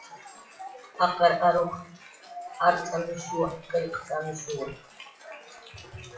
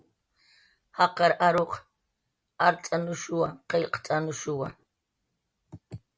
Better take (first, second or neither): second